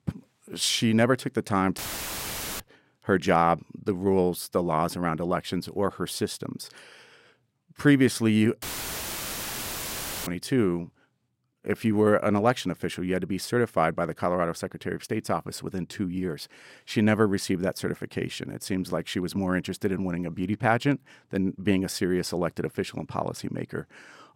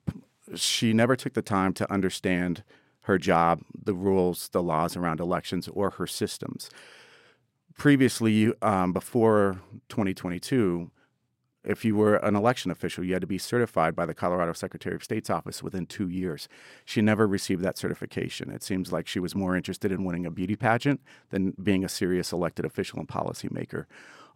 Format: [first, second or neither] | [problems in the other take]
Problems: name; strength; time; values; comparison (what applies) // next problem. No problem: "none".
second | audio cutting out; filled with static; at 2 s for 1 s and at 8.5 s for 1.5 s